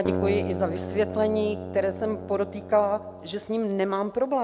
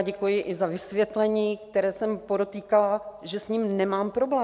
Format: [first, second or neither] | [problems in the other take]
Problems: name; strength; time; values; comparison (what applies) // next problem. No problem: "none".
second | background sound (Keyboard (musical)); 7 dB below the speech